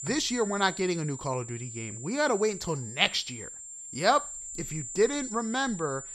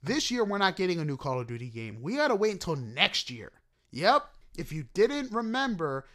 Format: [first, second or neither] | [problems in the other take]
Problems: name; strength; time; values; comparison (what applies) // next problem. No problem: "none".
second | high-pitched whine; loud; throughout; 7 kHz, 9 dB below the speech